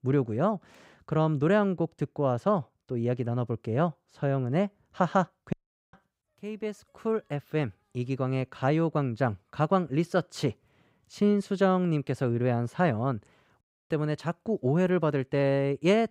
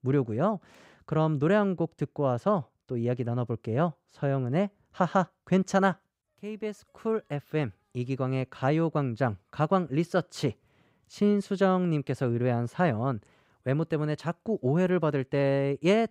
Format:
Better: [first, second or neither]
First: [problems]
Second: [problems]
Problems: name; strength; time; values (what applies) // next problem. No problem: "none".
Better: second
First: audio cutting out; at 5.5 s and at 14 s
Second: none